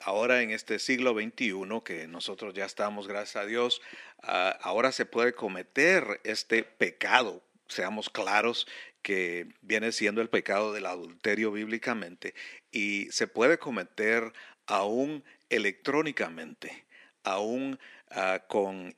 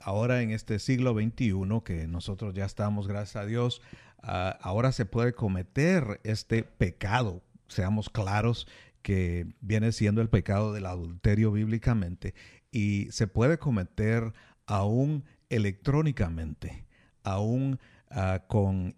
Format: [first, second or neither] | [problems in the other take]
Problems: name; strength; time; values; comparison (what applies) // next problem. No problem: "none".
second | thin; very; fading below 300 Hz